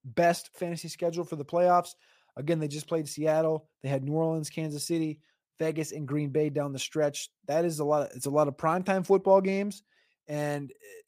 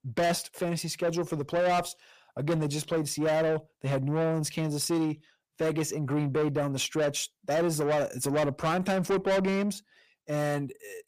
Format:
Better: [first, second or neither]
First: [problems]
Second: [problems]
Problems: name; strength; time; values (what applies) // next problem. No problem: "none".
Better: first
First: none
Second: distortion; heavy; 7 dB below the speech